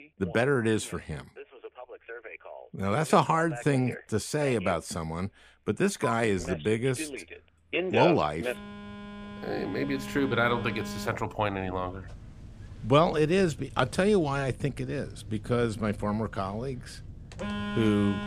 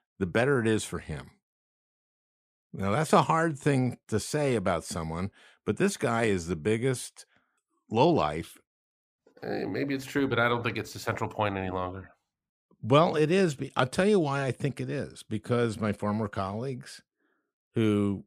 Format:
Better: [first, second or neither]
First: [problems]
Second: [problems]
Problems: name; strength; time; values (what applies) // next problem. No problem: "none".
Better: second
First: alarms or sirens; noticeable; throughout; 10 dB below the speech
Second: none